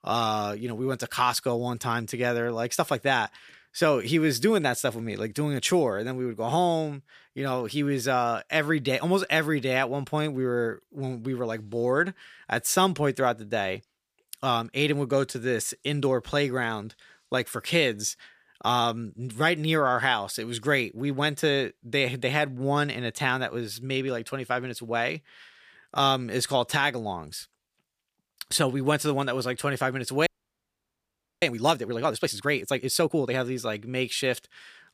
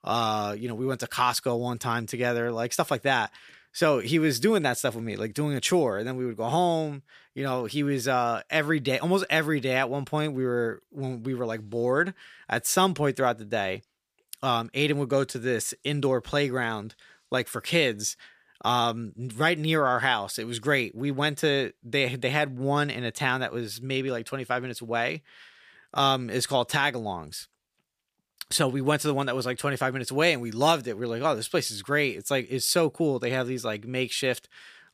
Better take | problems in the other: second | audio freezing; at 30 s for 1 s

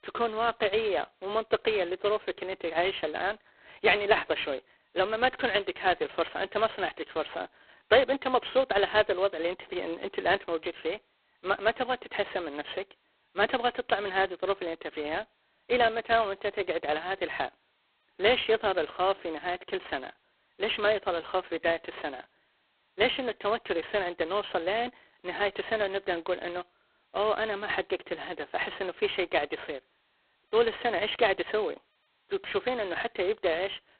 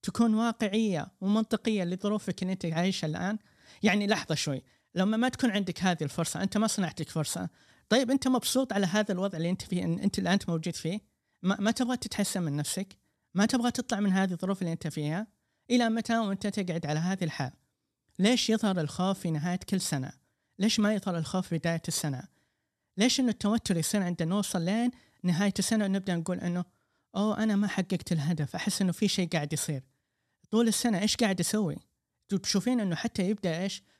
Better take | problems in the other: second | phone-call audio; poor line; nothing above 4 kHz

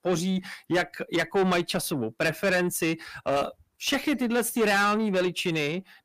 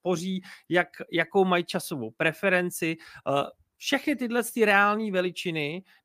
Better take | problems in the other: second | distortion; heavy; 7 dB below the speech

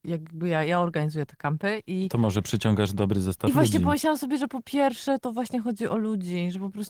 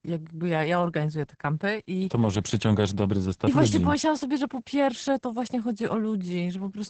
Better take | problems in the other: first | garbled, watery; badly; nothing above 8 kHz; slightly in the first

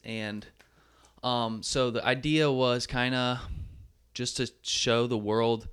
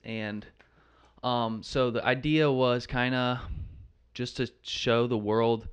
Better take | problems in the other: first | muffled; slightly; fading above 3 kHz

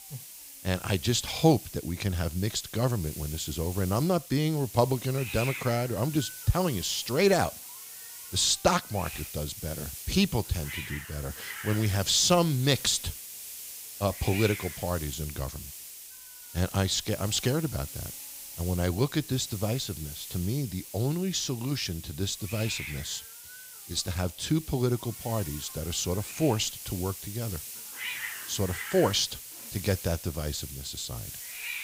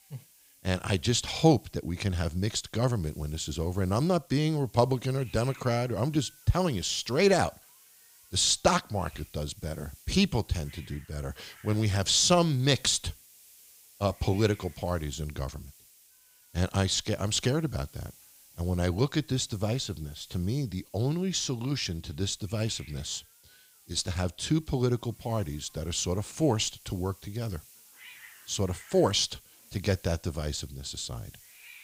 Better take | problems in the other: second | hiss; loud; throughout; 10 dB below the speech; faint in the second

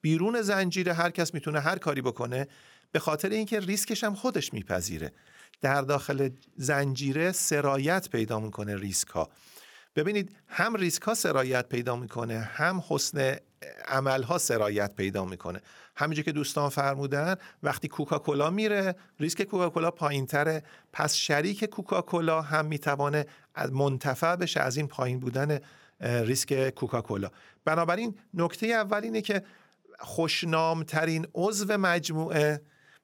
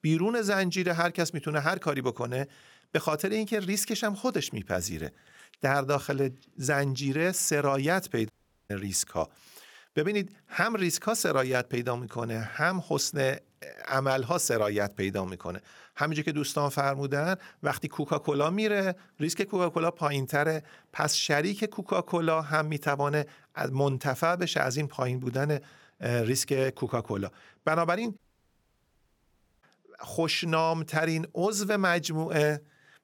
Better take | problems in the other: first | audio cutting out; at 8.5 s and at 28 s for 1.5 s

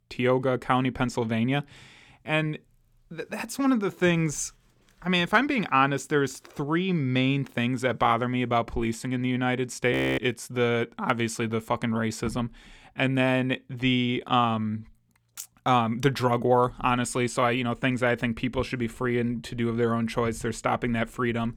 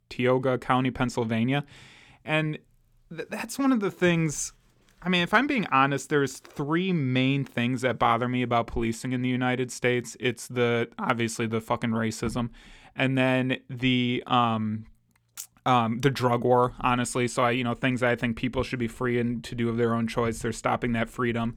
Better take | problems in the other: second | audio freezing; at 10 s

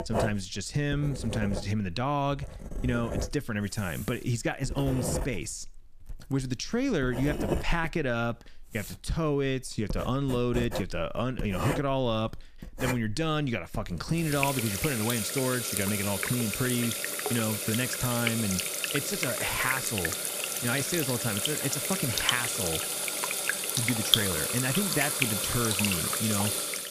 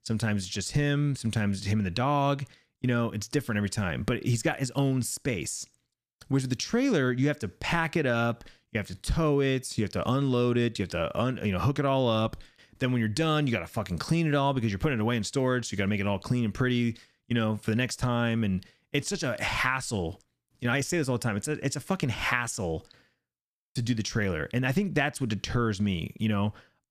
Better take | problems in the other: second | household noises; very loud; throughout; 1 dB above the speech

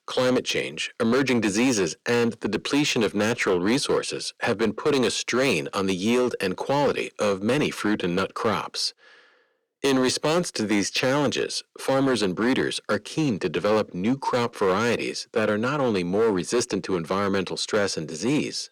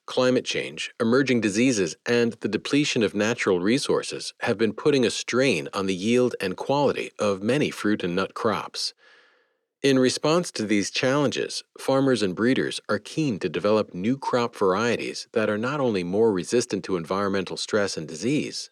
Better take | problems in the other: second | distortion; slight; 10% of the sound clipped

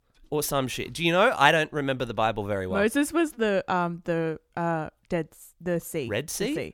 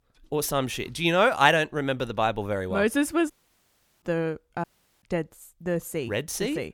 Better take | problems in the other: first | audio cutting out; at 3.5 s for 0.5 s and at 4.5 s

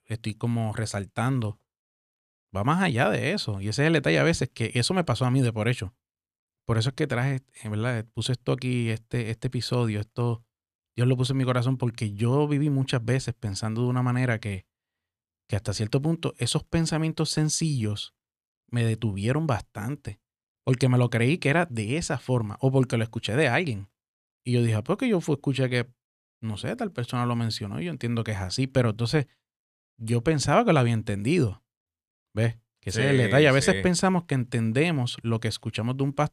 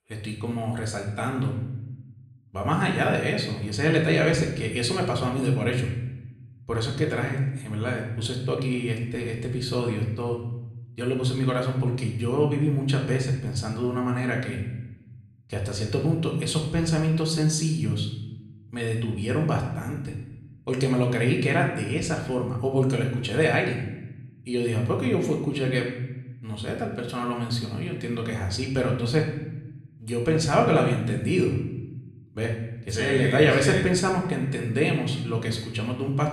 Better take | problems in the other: first | room echo; noticeable; dies away in 0.8 s // off-mic speech; somewhat distant

